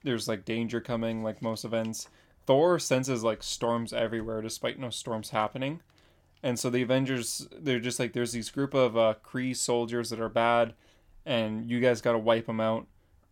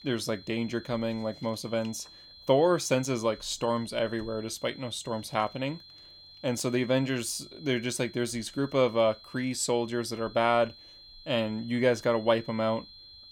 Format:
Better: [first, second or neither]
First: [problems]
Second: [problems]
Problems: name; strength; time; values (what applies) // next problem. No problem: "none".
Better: first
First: none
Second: high-pitched whine; noticeable; throughout; 4 kHz, 20 dB below the speech